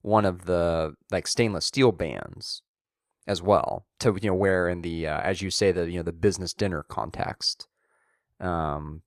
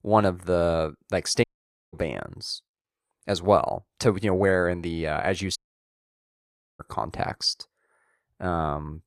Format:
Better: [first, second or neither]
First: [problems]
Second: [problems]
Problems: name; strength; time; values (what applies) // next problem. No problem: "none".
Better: first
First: none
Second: audio cutting out; at 1.5 s and at 5.5 s for 1 s